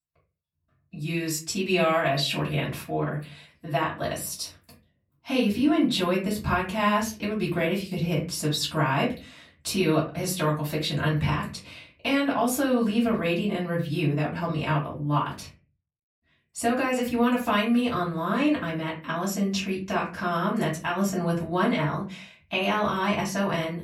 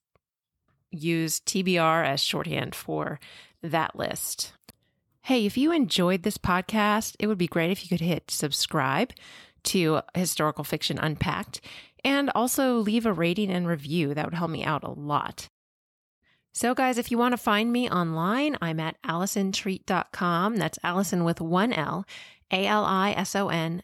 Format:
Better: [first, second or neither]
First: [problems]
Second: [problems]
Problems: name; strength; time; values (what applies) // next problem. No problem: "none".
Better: second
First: off-mic speech; far // room echo; very slight; dies away in 0.3 s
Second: none